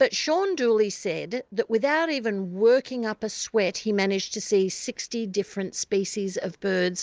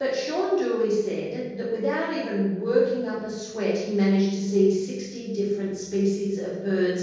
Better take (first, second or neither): first